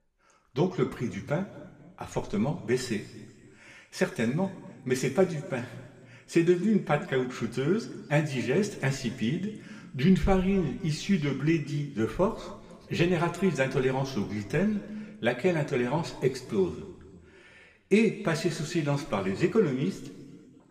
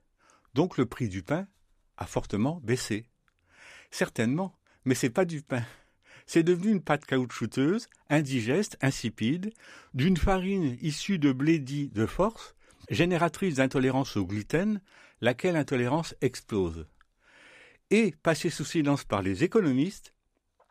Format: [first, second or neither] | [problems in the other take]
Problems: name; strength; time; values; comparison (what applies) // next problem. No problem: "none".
second | room echo; slight; dies away in 1.5 s // off-mic speech; somewhat distant